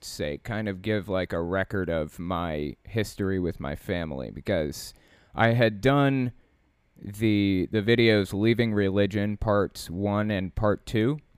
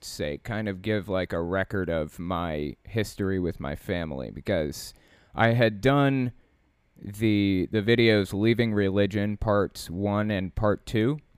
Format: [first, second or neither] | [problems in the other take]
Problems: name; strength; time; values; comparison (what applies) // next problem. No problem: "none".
neither | none